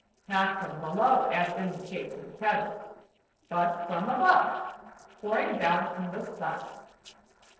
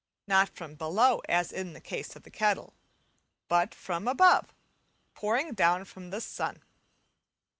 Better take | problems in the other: second | noise reduction (neural separator model SepFormer DNS4)

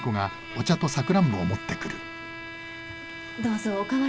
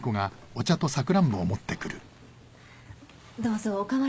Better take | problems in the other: second | background sound (Bowed string instrument); 11 dB below the speech

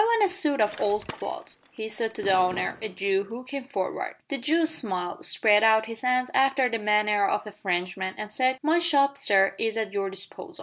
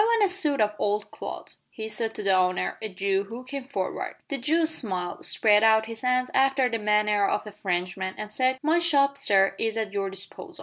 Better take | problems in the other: second | background sound (Fireworks + Bicycle); 18 dB below the speech

